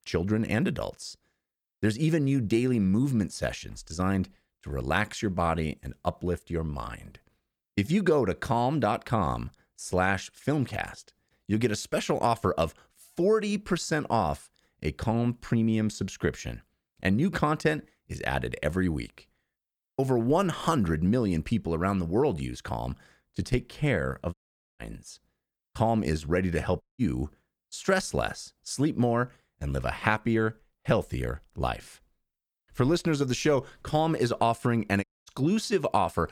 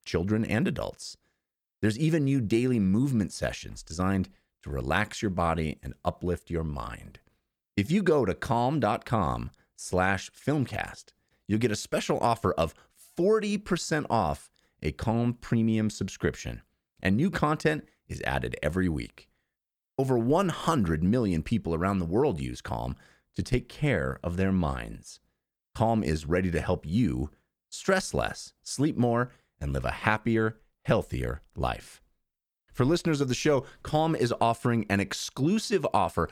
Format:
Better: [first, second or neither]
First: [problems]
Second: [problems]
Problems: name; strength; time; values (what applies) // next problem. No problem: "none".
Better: second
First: audio cutting out; at 24 s, at 27 s and at 35 s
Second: none